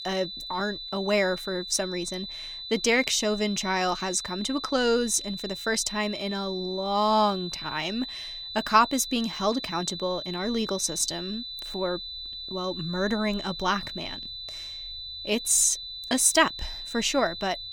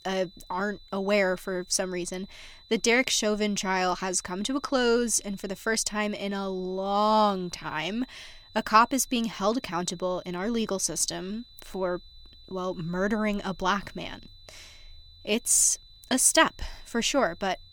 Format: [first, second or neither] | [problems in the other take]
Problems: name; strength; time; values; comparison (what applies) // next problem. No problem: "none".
second | high-pitched whine; loud; throughout; 4 kHz, 9 dB below the speech; faint in the second